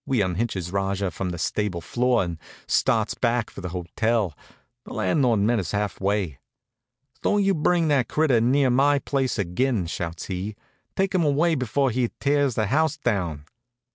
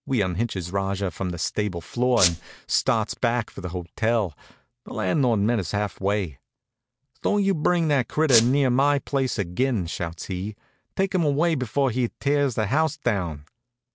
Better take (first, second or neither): first